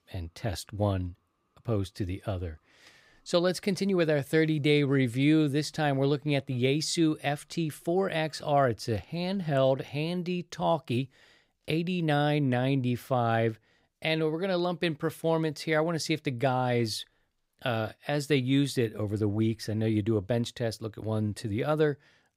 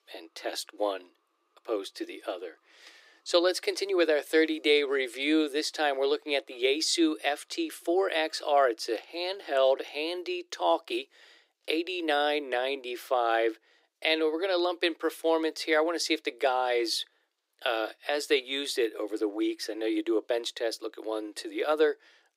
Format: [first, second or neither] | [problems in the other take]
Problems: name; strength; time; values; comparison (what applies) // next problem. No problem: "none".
first | thin; very; fading below 300 Hz